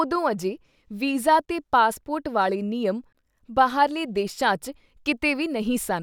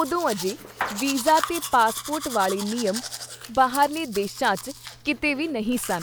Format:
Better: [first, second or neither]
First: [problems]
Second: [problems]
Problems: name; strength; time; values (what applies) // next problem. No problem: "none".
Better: first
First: none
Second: background sound (Domestic sounds, home sounds); 10 dB below the speech